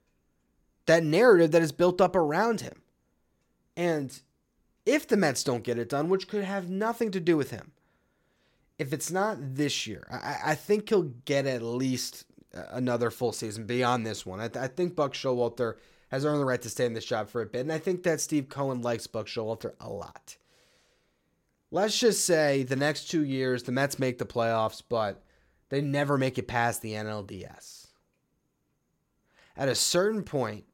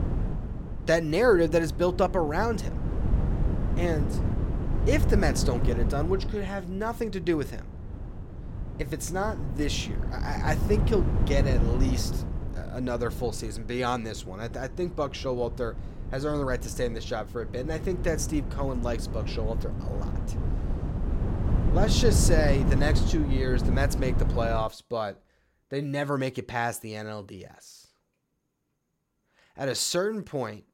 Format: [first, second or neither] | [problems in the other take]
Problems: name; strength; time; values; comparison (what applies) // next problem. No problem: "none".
first | wind noise on the microphone; heavy; until 25 s; 10 dB below the speech